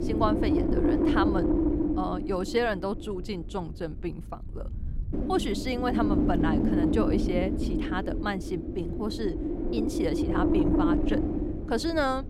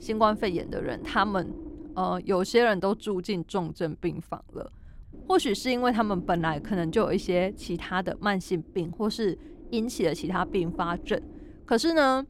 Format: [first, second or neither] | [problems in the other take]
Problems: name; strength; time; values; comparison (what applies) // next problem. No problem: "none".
second | wind noise on the microphone; heavy; as loud as the speech; occasional gusts in the second